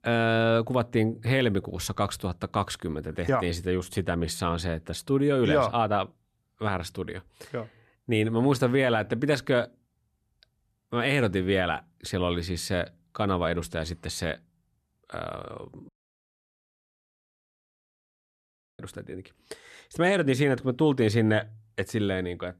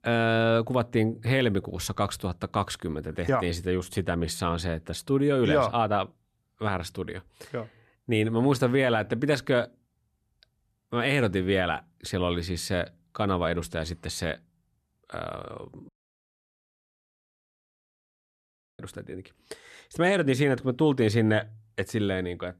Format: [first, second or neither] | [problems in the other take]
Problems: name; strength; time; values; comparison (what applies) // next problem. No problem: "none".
neither | audio cutting out; at 16 s for 3 s; the same in both